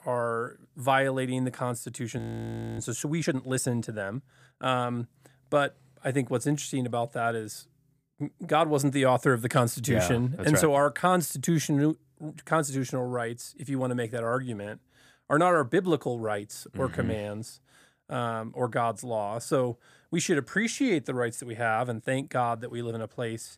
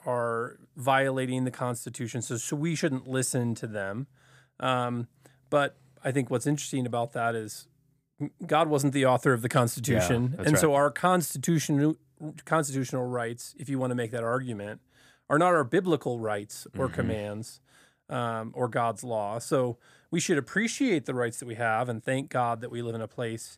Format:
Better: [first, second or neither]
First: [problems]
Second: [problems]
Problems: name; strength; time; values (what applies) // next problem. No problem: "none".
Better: second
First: audio freezing; at 2 s for 0.5 s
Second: none